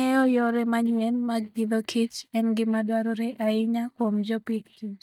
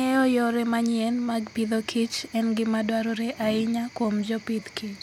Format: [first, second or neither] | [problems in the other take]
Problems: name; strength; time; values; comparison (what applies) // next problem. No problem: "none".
second | noise reduction (neural mask model DeepFilterNet 3)